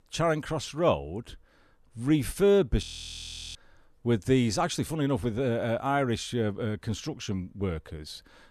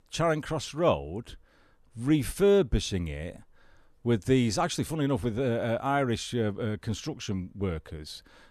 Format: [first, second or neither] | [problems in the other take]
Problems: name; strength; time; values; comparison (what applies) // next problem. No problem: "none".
second | audio freezing; at 3 s for 0.5 s